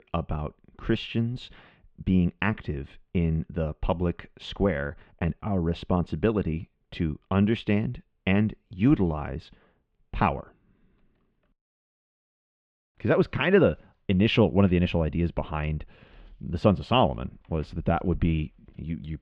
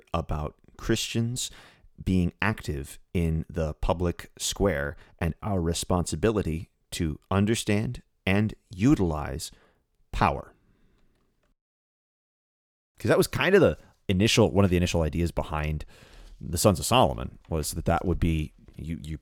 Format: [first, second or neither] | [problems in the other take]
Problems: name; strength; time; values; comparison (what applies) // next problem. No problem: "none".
second | muffled; very; fading above 3 kHz